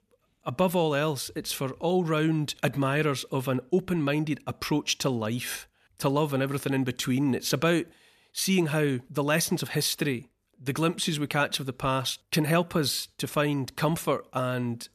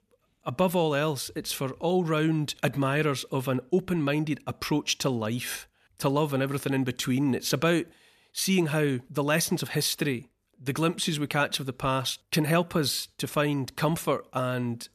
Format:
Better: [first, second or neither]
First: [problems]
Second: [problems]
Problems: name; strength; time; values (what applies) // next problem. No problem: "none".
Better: neither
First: none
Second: none